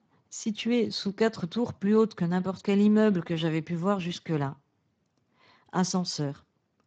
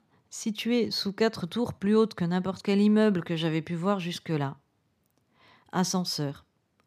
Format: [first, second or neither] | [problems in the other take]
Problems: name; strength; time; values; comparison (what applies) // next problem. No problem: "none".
second | garbled, watery; badly; nothing above 7.5 kHz